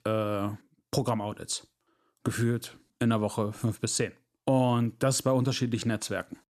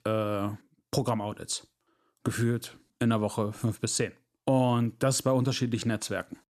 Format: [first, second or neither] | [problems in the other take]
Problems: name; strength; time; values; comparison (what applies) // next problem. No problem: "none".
neither | none